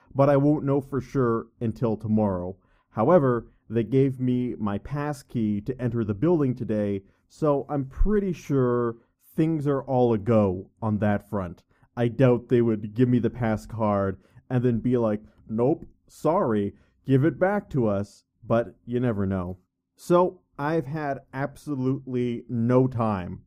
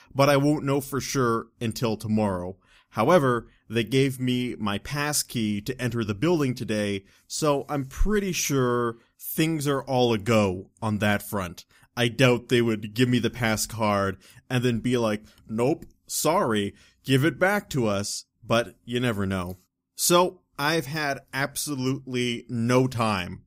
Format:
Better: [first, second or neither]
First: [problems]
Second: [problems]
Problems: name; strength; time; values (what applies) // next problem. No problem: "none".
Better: second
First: muffled; very; fading above 2 kHz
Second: none